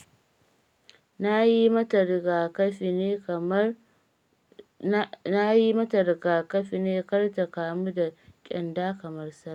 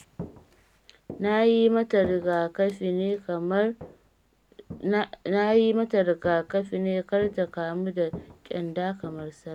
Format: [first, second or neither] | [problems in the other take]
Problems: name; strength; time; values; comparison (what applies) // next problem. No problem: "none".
first | background sound (Walk, footsteps); 19 dB below the speech